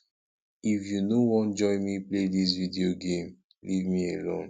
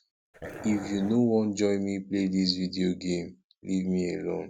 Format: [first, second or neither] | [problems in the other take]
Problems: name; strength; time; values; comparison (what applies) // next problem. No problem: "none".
first | background sound (Dog); 13 dB below the speech